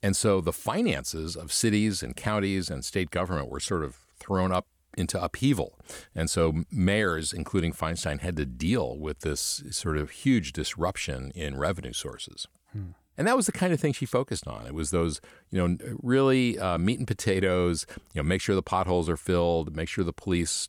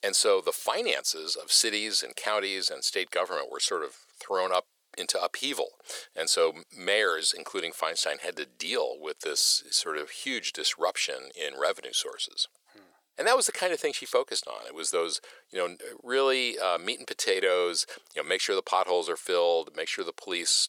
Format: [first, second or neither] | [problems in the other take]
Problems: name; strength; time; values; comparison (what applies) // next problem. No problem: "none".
first | thin; very; fading below 450 Hz